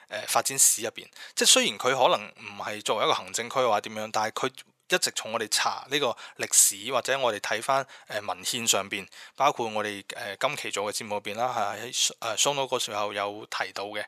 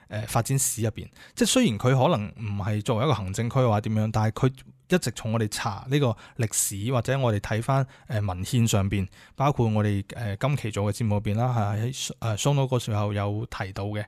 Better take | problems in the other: second | thin; very; fading below 550 Hz

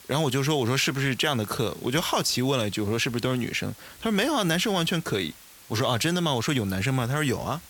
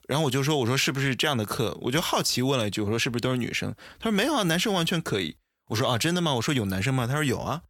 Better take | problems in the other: second | hiss; faint; throughout; 20 dB below the speech

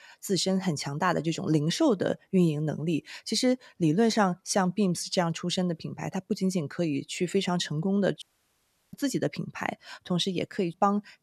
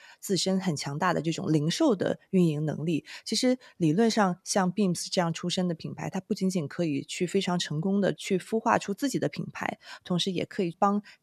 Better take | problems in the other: second | audio cutting out; at 8 s for 0.5 s

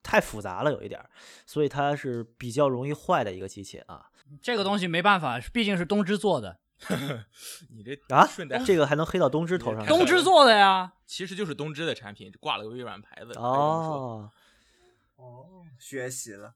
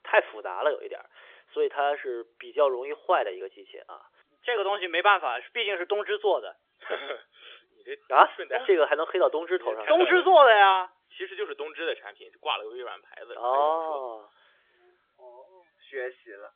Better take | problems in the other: first | phone-call audio; nothing above 3.5 kHz

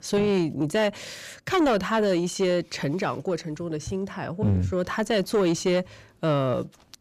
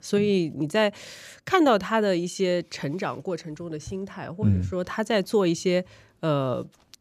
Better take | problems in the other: second | distortion; slight; 10 dB below the speech

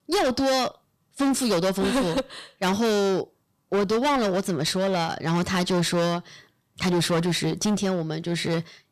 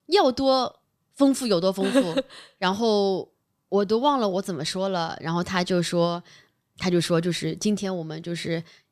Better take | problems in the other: second | distortion; heavy; 20% of the sound clipped

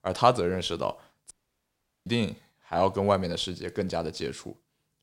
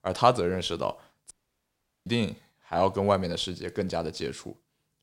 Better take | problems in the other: neither | audio cutting out; at 1.5 s for 1 s; the same in both

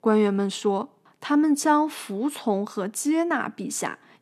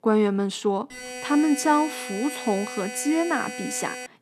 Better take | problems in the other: first | alarm; noticeable; from 1 s on; peak 9 dB below the speech

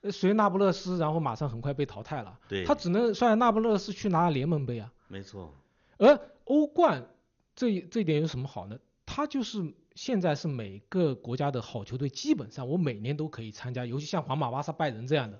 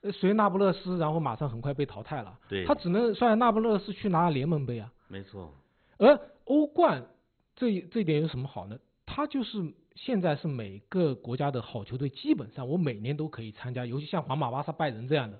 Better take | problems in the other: first | garbled, watery; badly; nothing above 4 kHz; slightly in the first

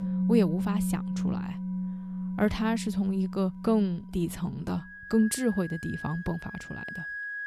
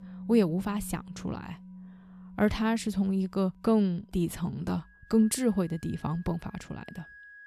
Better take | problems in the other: second | background music; loud; throughout; 6 dB below the speech; faint in the second

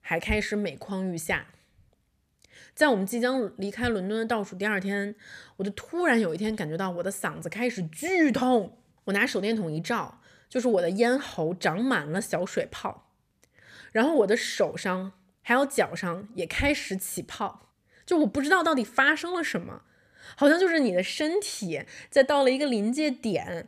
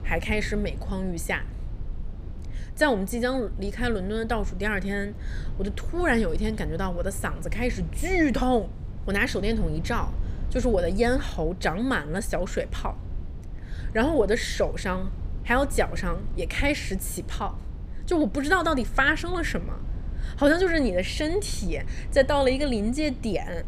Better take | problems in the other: first | low rumble; faint; throughout; 20 dB below the speech

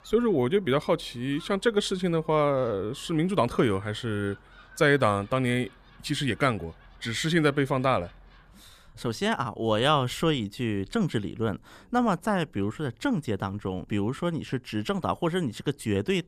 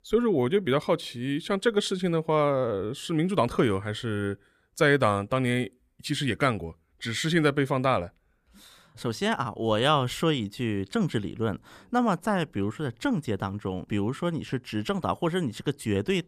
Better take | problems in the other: second | animal sounds; faint; throughout; 30 dB below the speech

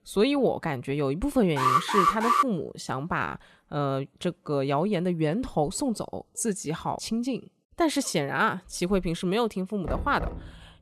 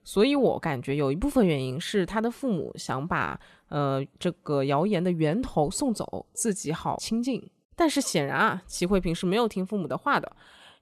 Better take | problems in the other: second | alarm; loud; at 1.5 s; peak 6 dB above the speech // door banging; noticeable; at 10 s; peak 6 dB below the speech

